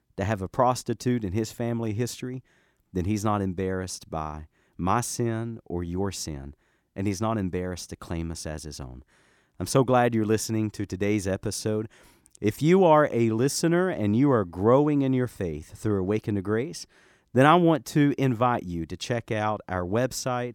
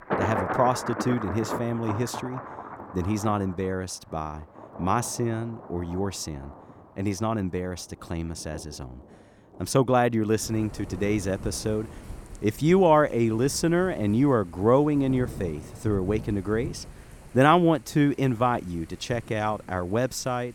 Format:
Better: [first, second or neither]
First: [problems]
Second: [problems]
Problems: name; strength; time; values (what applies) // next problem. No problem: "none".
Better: first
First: none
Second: rain or running water; noticeable; throughout; 10 dB below the speech